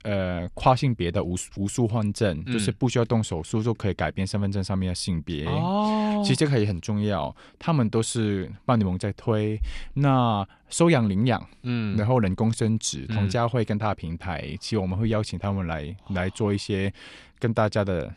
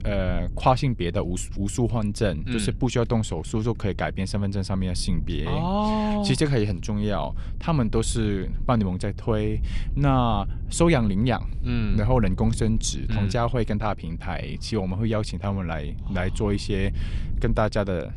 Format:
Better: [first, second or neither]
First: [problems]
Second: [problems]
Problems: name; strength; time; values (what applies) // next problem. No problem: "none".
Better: first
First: none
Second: low rumble; faint; throughout; 20 dB below the speech